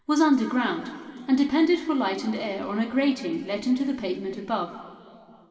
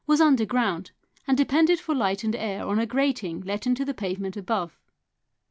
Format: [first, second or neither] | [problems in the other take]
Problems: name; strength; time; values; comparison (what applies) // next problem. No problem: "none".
second | room echo; dies away in 2.5 s